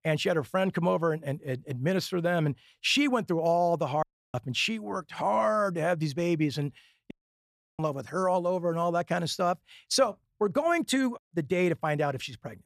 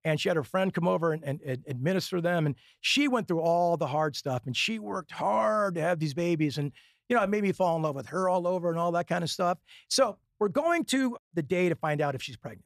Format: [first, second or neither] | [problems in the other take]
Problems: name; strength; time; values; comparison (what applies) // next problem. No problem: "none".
second | audio cutting out; at 4 s and at 7 s for 0.5 s